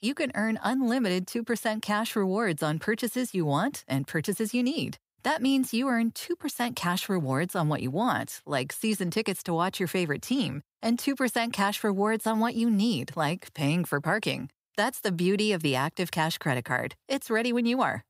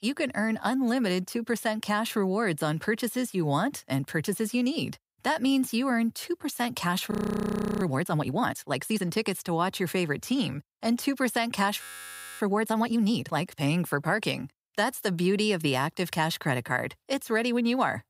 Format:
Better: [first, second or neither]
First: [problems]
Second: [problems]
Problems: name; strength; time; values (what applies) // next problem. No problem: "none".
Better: first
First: none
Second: audio freezing; at 7 s for 0.5 s and at 12 s for 0.5 s